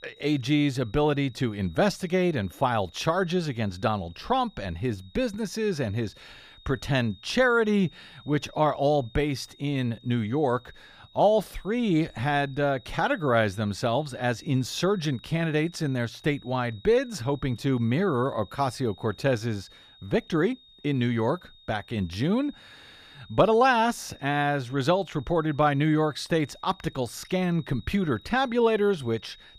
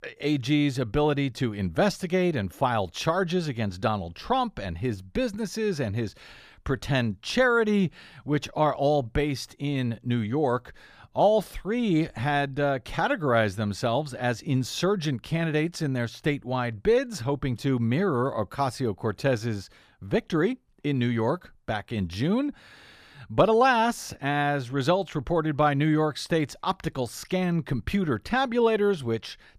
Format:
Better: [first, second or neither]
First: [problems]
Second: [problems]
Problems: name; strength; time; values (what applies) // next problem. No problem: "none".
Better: second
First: high-pitched whine; faint; throughout; 3.5 kHz, 25 dB below the speech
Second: none